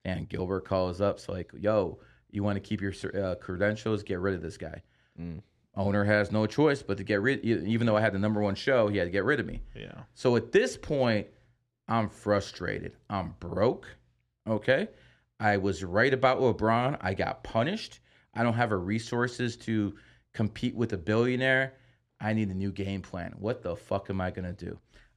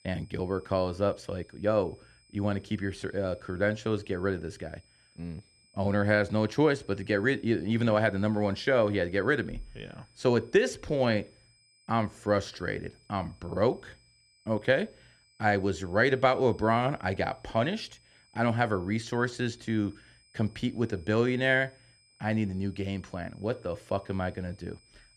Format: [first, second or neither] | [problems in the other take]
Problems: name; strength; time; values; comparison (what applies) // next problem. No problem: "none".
first | high-pitched whine; faint; throughout; 5 kHz, 30 dB below the speech